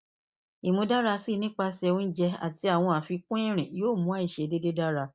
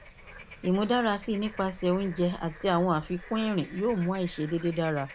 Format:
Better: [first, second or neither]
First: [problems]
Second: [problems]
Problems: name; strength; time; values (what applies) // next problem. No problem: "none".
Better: first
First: none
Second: background sound (Bird / Frog); 18 dB below the speech